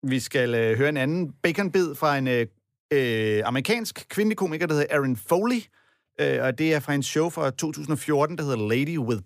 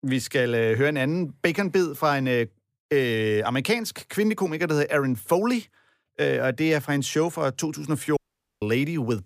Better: first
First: none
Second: audio cutting out; at 8 s

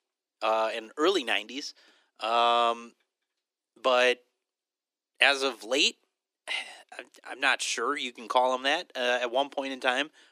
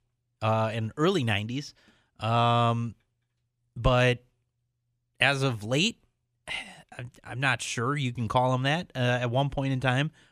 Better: second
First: thin; very; fading below 300 Hz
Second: none

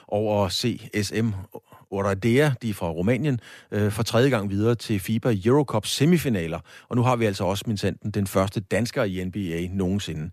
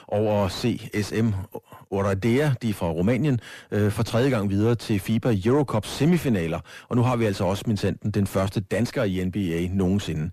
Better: first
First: none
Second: distortion; slight; 10 dB below the speech

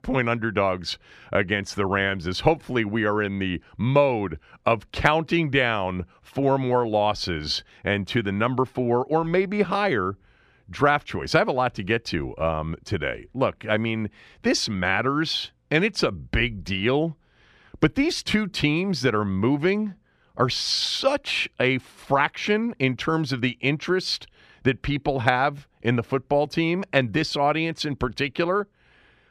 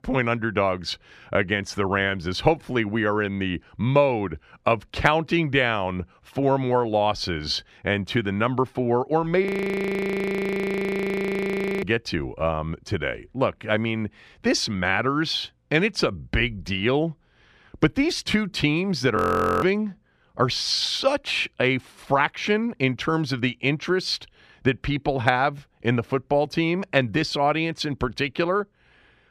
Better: first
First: none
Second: audio freezing; at 9.5 s for 2.5 s and at 19 s

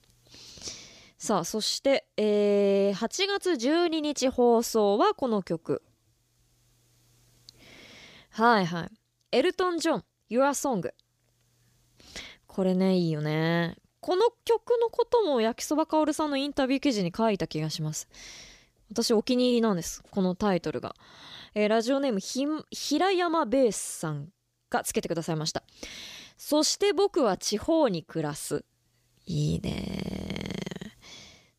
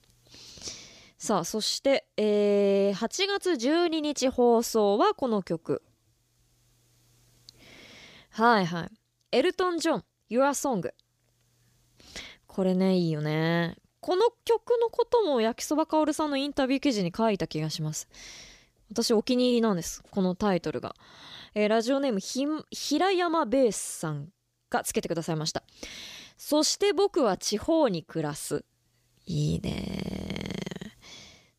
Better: neither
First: none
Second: none

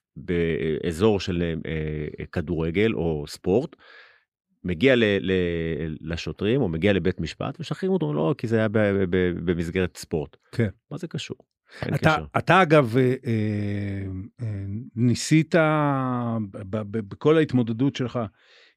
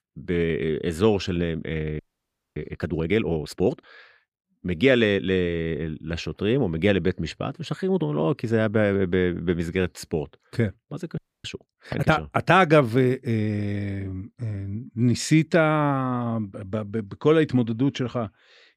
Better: first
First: none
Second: audio freezing; at 2 s for 0.5 s and at 11 s

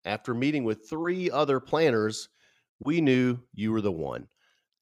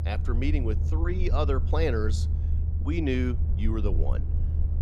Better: first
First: none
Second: low rumble; noticeable; throughout; 10 dB below the speech

